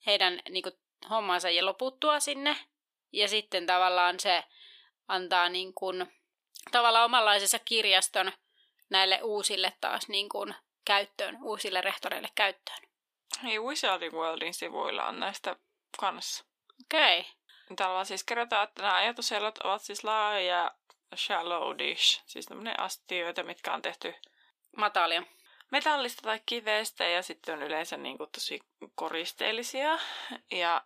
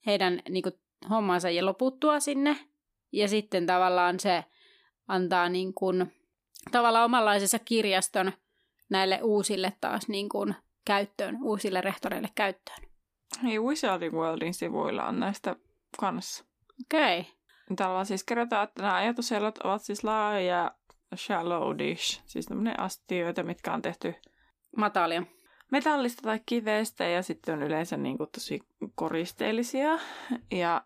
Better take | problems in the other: second | thin; somewhat; fading below 550 Hz

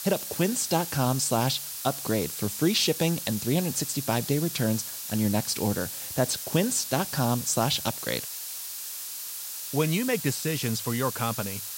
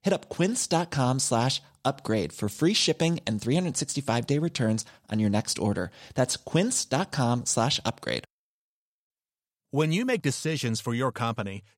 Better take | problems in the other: second | hiss; loud; throughout; 6 dB below the speech

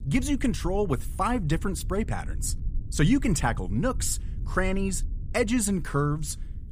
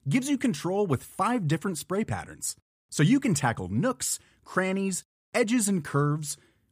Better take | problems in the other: second | low rumble; faint; throughout; 25 dB below the speech

